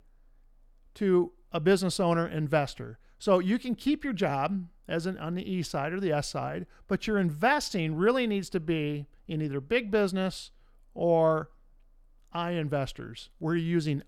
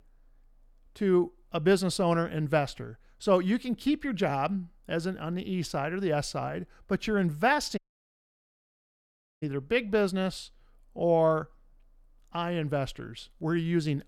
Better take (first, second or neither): first